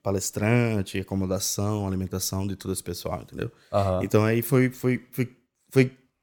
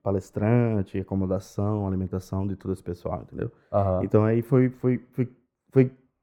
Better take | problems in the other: first | muffled; very; fading above 2.5 kHz

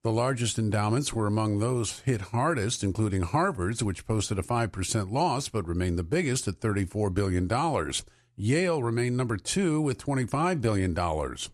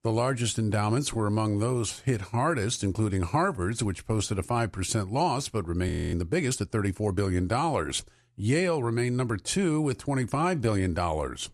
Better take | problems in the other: first | audio freezing; at 6 s

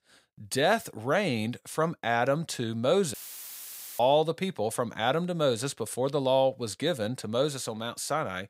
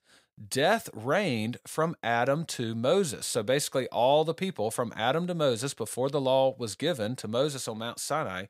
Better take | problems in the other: second | audio cutting out; filled with static; at 3 s for 1 s

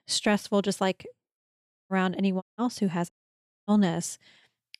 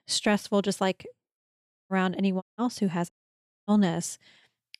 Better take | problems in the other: neither | audio cutting out; at 1.5 s, at 2.5 s and at 3 s for 0.5 s; the same in both

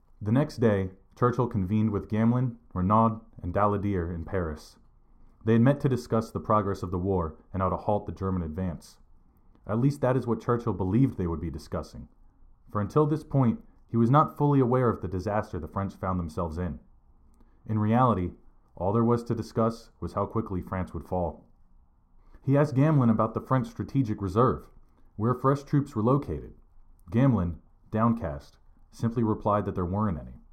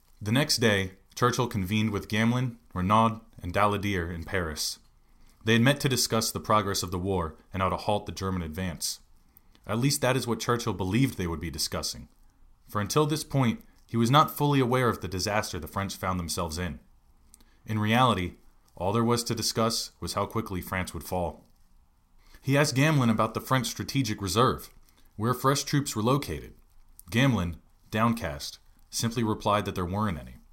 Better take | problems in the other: second | muffled; very; fading above 1.5 kHz

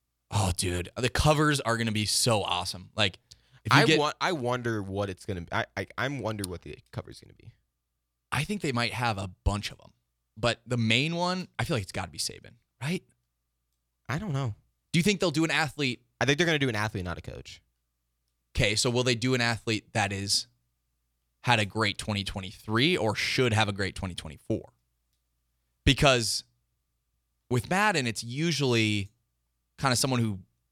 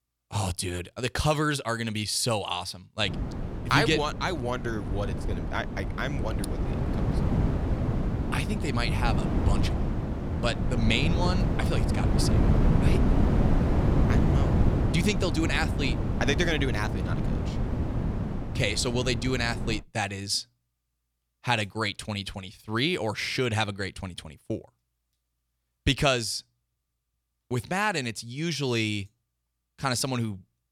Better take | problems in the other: first | wind noise on the microphone; heavy; from 3 to 20 s; 6 dB below the speech

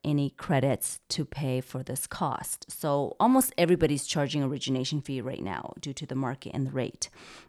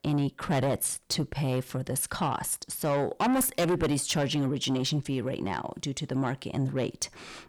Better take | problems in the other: first | distortion; heavy; 7 dB below the speech

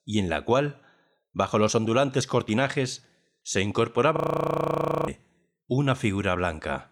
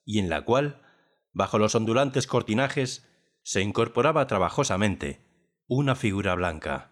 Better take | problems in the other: second | audio freezing; at 4 s for 1 s

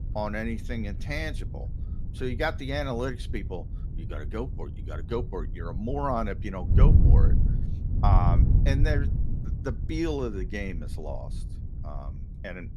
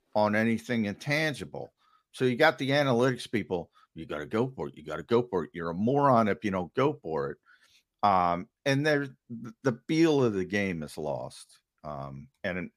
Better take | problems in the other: second | wind noise on the microphone; heavy; 10 dB below the speech

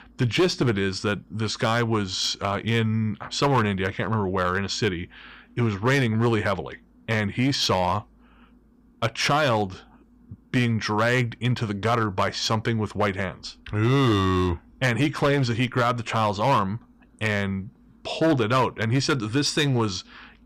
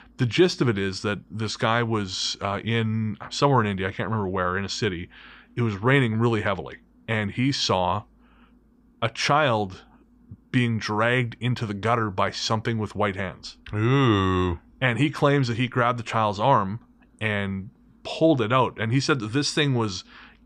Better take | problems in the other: second | distortion; slight; 5% of the sound clipped

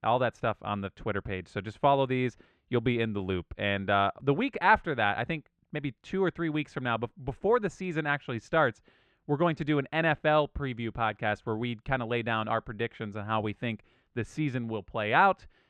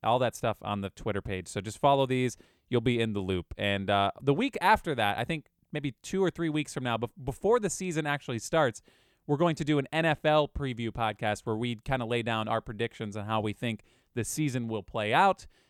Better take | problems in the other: second | muffled; slightly; fading above 2.5 kHz

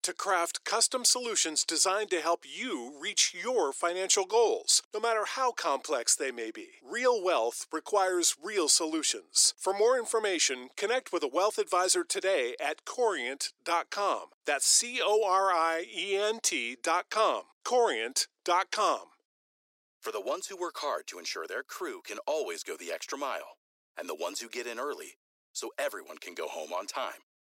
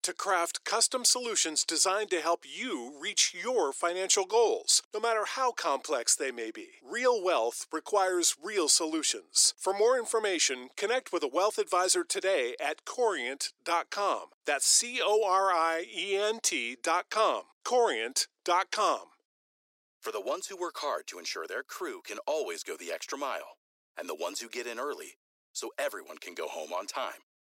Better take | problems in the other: neither | thin; very; fading below 350 Hz; the same in both

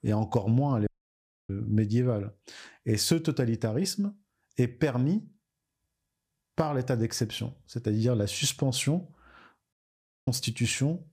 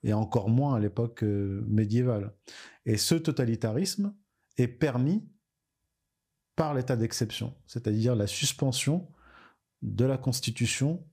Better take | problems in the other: second | audio cutting out; at 1 s for 0.5 s and at 9.5 s for 0.5 s

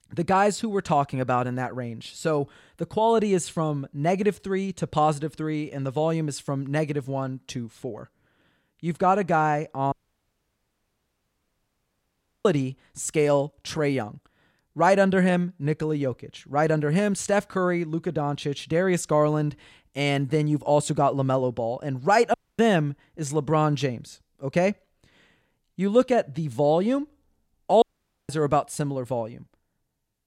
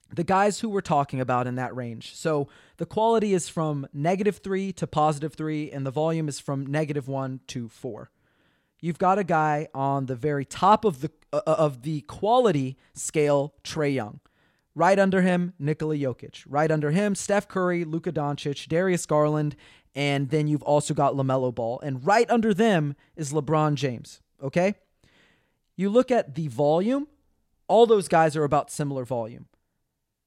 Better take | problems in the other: second | audio cutting out; at 10 s for 2.5 s, at 22 s and at 28 s

